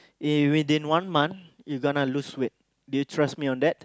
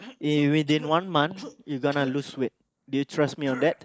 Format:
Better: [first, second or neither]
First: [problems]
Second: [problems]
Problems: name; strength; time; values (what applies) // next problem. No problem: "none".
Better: first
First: none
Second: noise reduction (neural mask model Resemble Enhance denoiser)